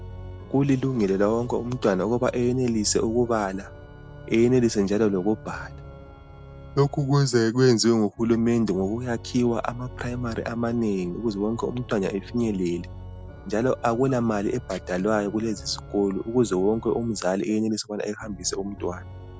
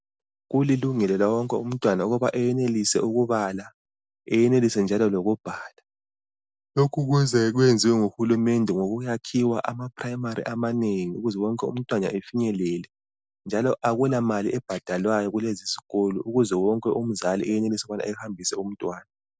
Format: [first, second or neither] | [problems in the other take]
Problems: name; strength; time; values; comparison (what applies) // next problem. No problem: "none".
second | background sound (Organ); 16 dB below the speech